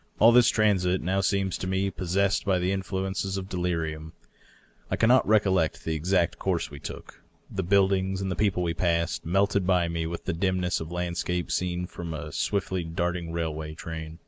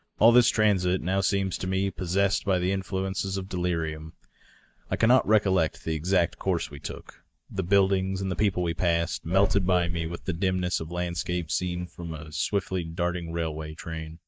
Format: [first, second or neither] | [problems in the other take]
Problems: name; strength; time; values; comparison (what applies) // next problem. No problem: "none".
first | noise reduction (neural mask model DeepFilterNet 3)